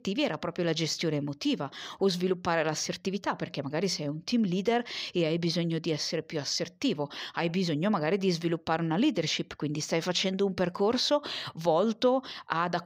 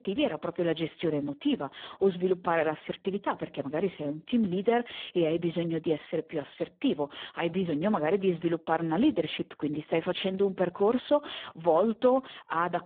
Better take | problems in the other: first | phone-call audio; poor line

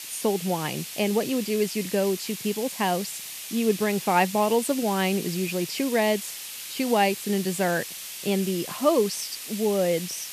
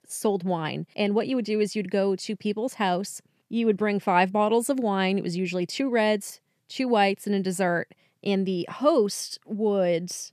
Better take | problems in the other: second | hiss; loud; throughout; 9 dB below the speech

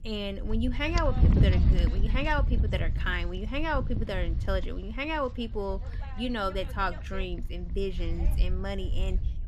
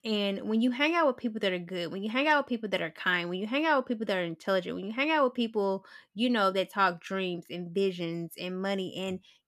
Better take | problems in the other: second | wind noise on the microphone; occasional gusts; 10 dB below the speech

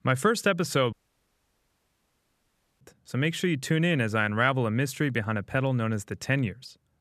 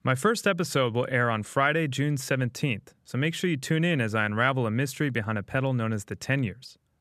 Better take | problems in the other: second | audio cutting out; at 1 s for 2 s

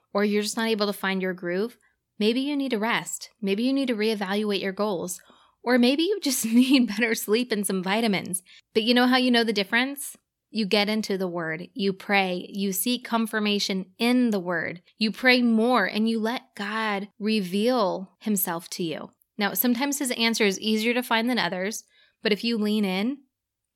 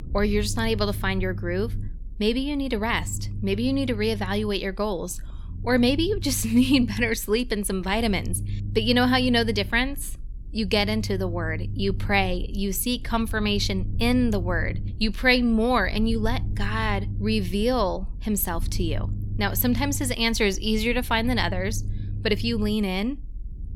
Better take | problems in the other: first | low rumble; faint; throughout; 20 dB below the speech

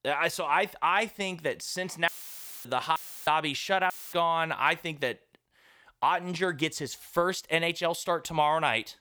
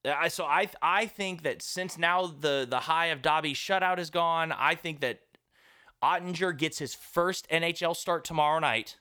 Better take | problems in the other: second | audio cutting out; filled with static; at 2 s for 0.5 s, at 3 s and at 4 s

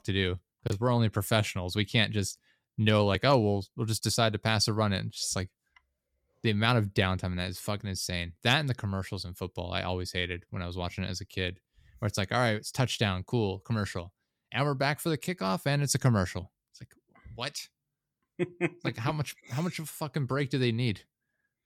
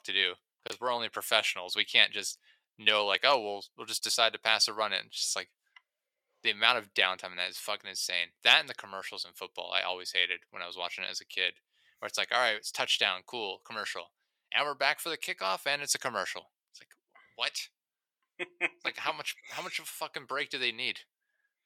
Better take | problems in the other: first | thin; very; fading below 700 Hz

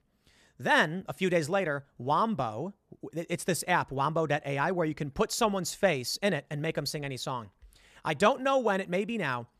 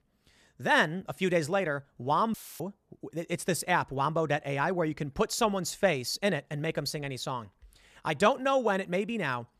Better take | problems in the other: first | audio cutting out; filled with static; at 2.5 s

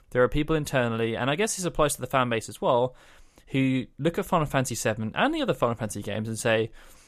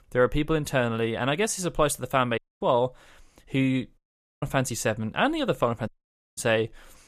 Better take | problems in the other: first | audio cutting out; at 2.5 s, at 4 s and at 6 s

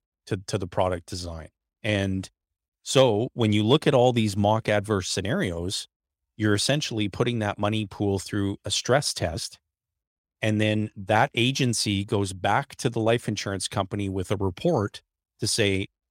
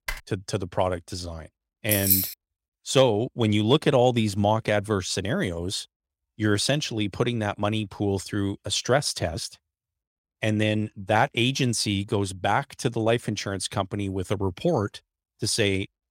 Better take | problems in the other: first | keyboard typing; noticeable; at the start; peak 10 dB below the speech // jangling keys; loud; at 2 s; peak 5 dB above the speech

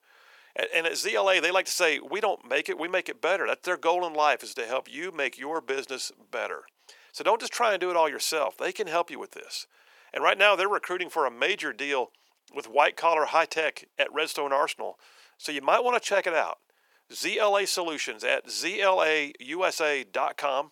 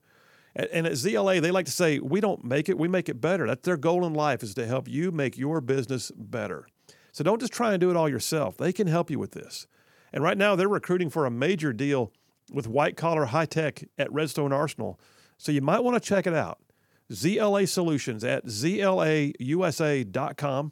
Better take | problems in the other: second | thin; very; fading below 450 Hz

